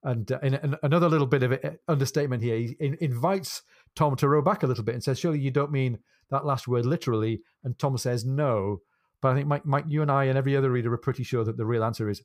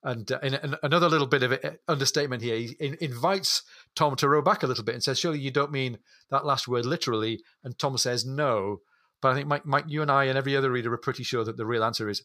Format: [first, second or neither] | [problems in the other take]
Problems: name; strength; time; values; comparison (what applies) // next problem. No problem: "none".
first | thin; very slightly; fading below 300 Hz